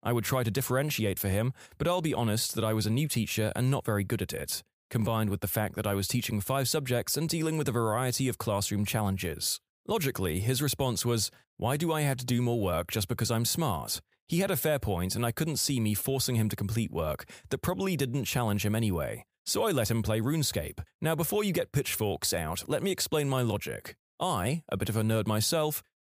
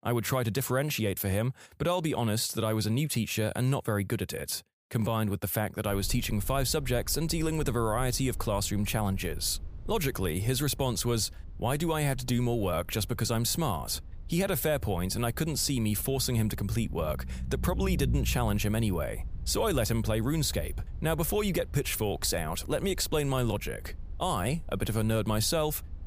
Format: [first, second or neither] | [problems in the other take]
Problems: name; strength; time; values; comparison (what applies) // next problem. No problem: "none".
first | low rumble; faint; from 6 s on; 25 dB below the speech